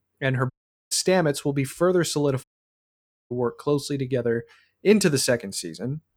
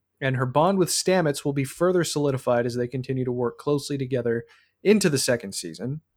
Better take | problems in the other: second | audio cutting out; at 0.5 s and at 2.5 s for 1 s

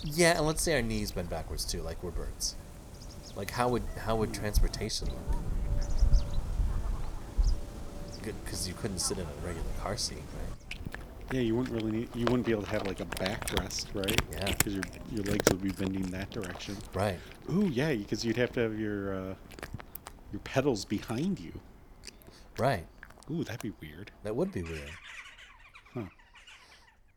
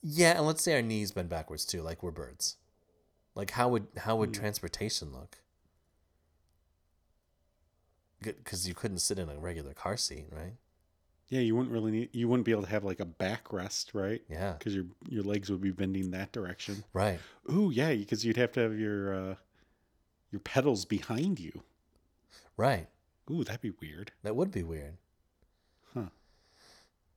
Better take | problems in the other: second | animal sounds; loud; throughout; 4 dB below the speech

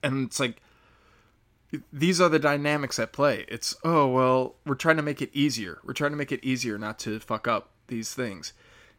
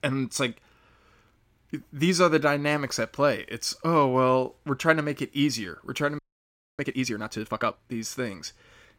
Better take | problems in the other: first | audio freezing; at 6 s for 0.5 s

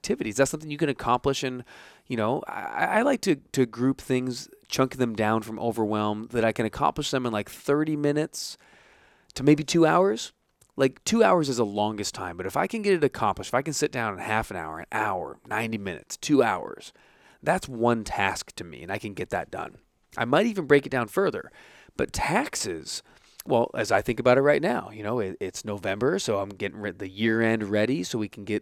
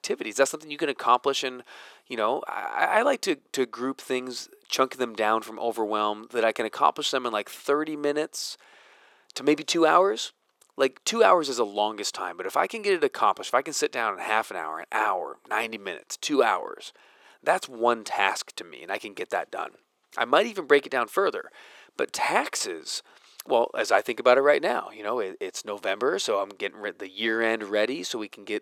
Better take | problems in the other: first | thin; somewhat; fading below 450 Hz

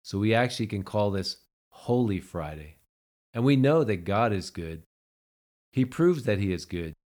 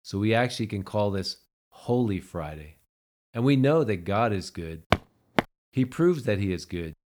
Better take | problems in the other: first | footsteps; noticeable; at 5 s; peak 1 dB below the speech

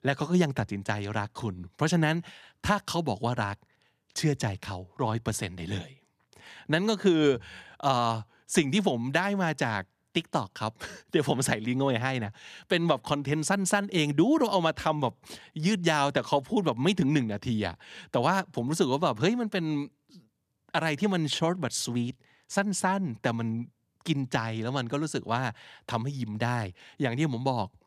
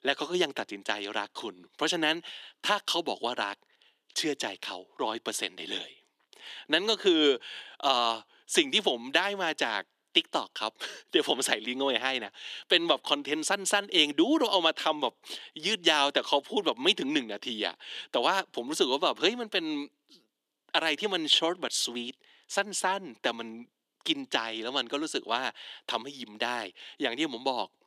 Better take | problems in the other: first | thin; somewhat; fading below 300 Hz

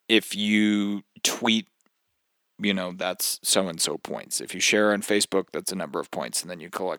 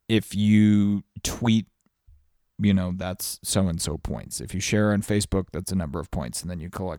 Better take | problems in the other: second | thin; somewhat; fading below 300 Hz

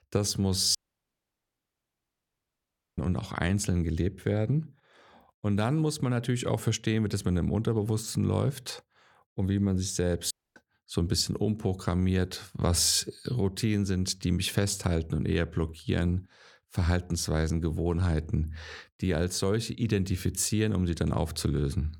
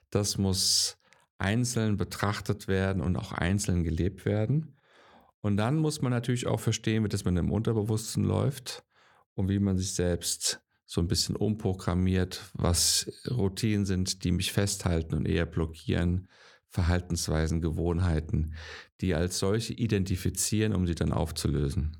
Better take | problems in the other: second | audio cutting out; at 1 s for 2 s and at 10 s

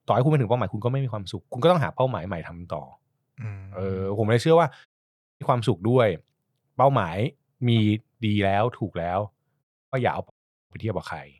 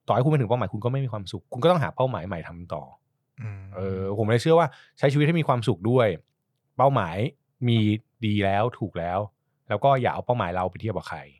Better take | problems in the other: second | audio cutting out; at 5 s for 0.5 s, at 9.5 s and at 10 s

